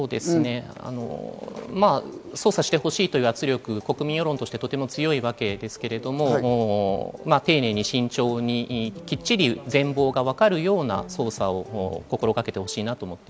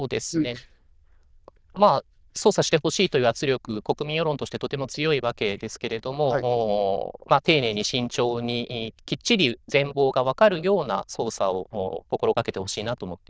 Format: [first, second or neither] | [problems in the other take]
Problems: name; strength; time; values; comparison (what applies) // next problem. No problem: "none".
first | noise reduction (neural diffusion model UNIVERSE++)